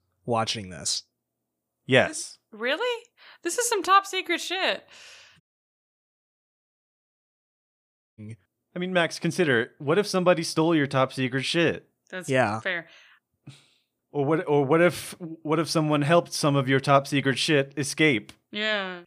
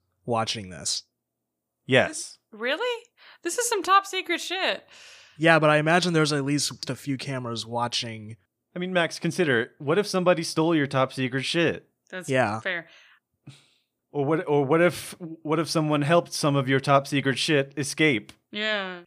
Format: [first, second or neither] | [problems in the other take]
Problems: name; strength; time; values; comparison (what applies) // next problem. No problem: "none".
second | audio cutting out; at 5.5 s for 3 s